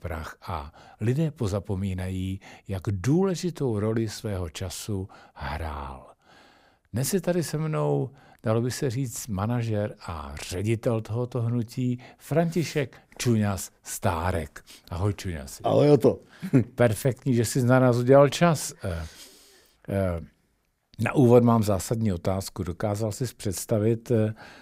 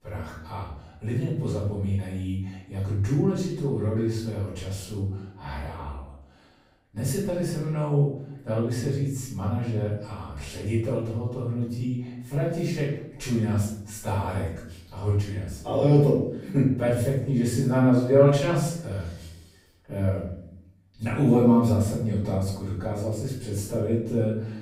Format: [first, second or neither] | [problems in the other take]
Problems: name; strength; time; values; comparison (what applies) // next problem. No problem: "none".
first | off-mic speech; far // room echo; noticeable; dies away in 0.7 s